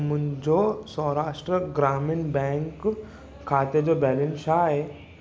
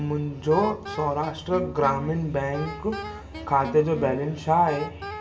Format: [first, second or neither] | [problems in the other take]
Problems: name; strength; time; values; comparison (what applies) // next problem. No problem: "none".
first | background sound (Wind instrument, woodwind instrument); 13 dB below the speech // room echo; dies away in 0.2 s